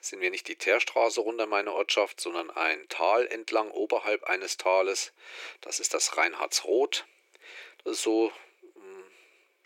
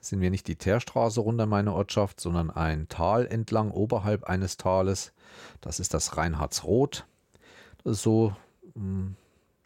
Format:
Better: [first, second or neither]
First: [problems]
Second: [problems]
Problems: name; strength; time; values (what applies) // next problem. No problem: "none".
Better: second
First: thin; very; fading below 350 Hz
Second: none